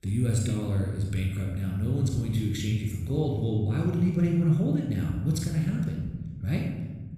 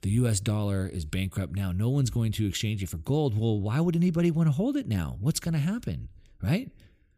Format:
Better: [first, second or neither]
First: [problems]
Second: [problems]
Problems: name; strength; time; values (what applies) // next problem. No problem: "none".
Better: second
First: off-mic speech; somewhat distant // room echo; noticeable; dies away in 1.5 s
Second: none